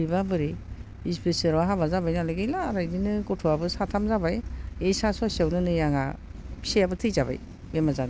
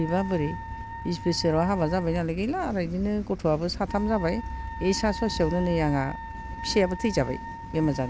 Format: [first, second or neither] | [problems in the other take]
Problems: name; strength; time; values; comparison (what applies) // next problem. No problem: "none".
first | background sound (Wind instrument, woodwind instrument); 13 dB below the speech